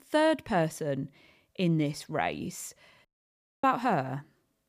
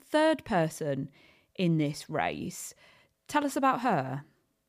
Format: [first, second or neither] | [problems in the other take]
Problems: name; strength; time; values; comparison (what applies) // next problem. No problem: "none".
second | audio cutting out; at 3 s for 0.5 s